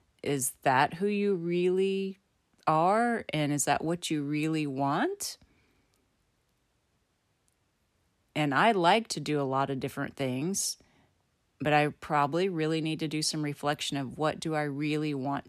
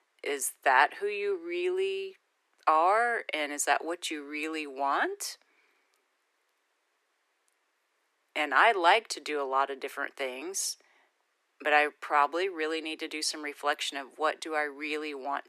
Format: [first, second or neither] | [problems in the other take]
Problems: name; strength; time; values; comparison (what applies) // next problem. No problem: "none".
first | thin; very; fading below 350 Hz